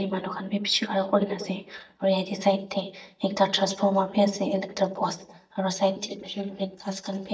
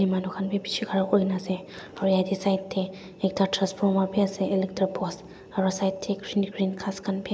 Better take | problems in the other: second | noise reduction (neural mask model DeepFilterNet 3)

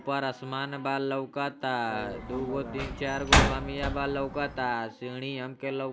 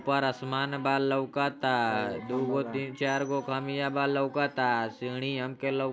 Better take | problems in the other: second | background sound (Slam); 2 dB above the speech

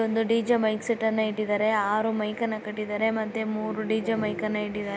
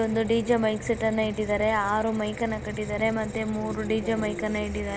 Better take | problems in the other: first | background sound (Squeak); 13 dB below the speech

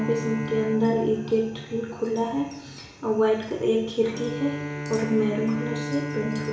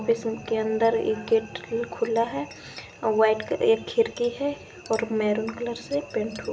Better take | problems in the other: second | background sound (Bowed string instrument); 9 dB below the speech // room echo; dies away in 0.7 s

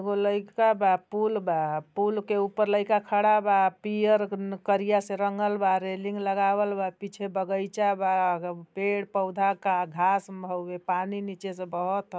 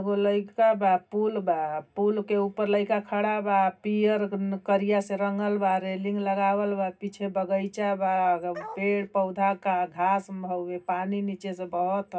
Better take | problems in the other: first | background sound (Bark); 14 dB below the speech // room echo; dies away in 0.4 s

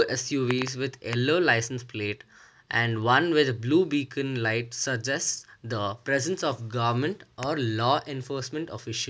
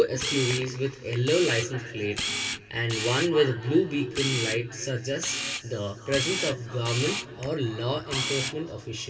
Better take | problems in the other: first | background sound (Camera); 6 dB below the speech // room echo; dies away in 2.9 s

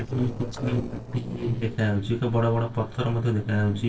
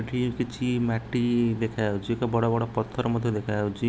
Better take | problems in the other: second | noise reduction (neural separator model SepFormer DNS4)

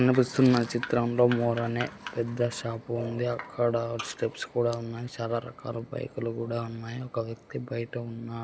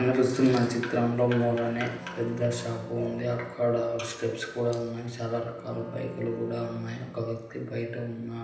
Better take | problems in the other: first | background sound (Wind instrument, woodwind instrument); 17 dB below the speech // room echo; dies away in 0.9 s

